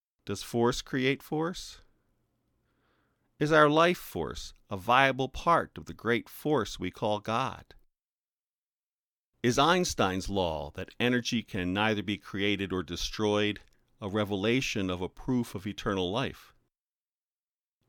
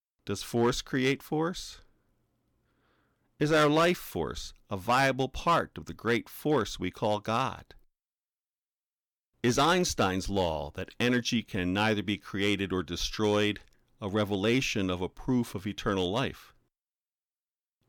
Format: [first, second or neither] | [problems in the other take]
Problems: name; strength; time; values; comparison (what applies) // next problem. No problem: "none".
first | distortion; slight; 2% of the sound clipped